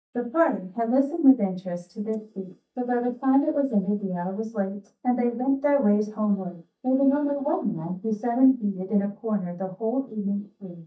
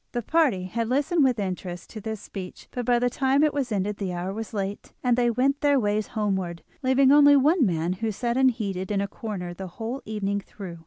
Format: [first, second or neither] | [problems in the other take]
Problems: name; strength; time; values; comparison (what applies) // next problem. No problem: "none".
second | noise reduction (neural mask model DeepFilterNet 3)